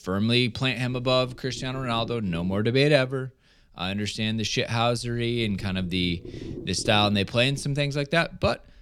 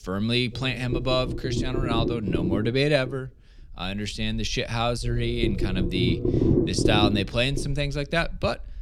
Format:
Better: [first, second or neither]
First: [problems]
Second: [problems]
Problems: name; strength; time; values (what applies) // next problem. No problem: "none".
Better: first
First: low rumble; faint; throughout; 20 dB below the speech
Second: low rumble; loud; throughout; 4 dB below the speech